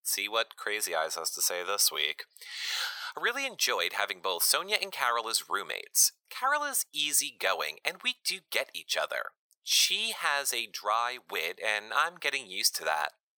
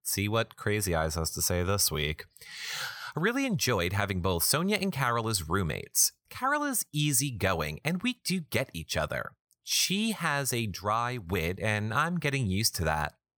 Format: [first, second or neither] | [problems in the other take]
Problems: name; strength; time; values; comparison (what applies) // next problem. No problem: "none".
second | thin; very; fading below 550 Hz